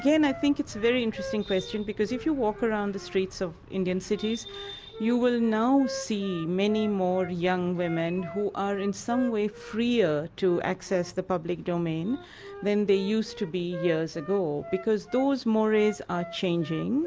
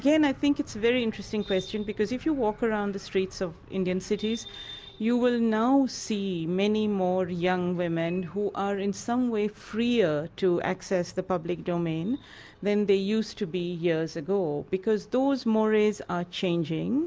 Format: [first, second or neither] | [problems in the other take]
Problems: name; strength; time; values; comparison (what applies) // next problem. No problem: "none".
second | background sound (Wind instrument, woodwind instrument); 16 dB below the speech